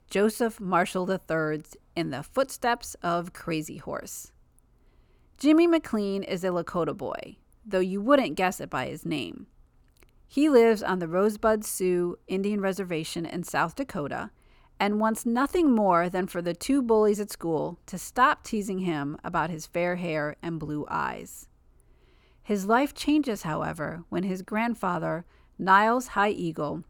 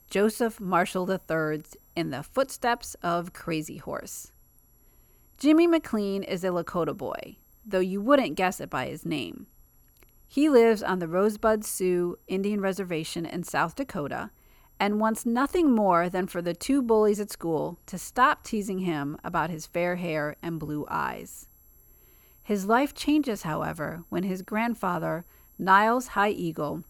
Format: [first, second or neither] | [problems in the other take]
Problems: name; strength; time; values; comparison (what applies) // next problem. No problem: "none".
first | high-pitched whine; faint; throughout; 11.5 kHz, 30 dB below the speech